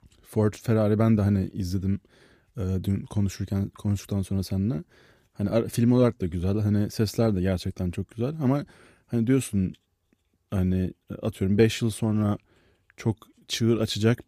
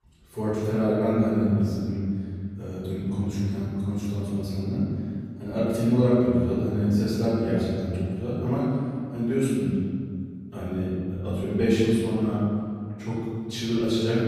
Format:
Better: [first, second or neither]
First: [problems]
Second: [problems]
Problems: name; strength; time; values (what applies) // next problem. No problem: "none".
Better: first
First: none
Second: off-mic speech; far // room echo; strong; dies away in 2 s